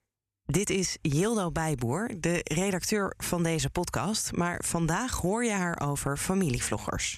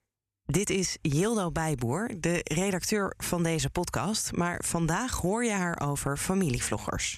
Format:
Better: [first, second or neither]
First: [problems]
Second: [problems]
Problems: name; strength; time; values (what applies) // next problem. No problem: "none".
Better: neither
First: none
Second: none